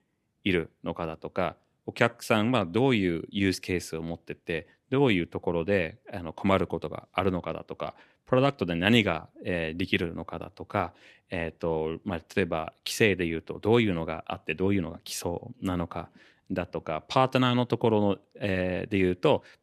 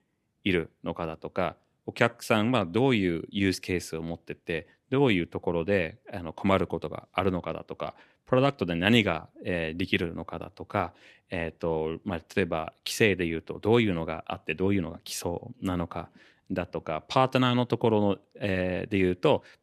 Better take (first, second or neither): neither